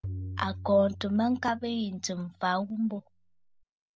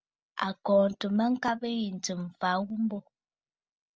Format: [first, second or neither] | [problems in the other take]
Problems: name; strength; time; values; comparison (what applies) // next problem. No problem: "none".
second | background sound (Tabla); 13 dB below the speech